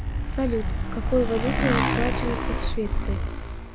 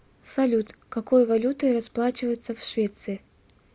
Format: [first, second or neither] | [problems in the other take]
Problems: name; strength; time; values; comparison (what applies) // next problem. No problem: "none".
second | background sound (Motorcycle); 4 dB above the speech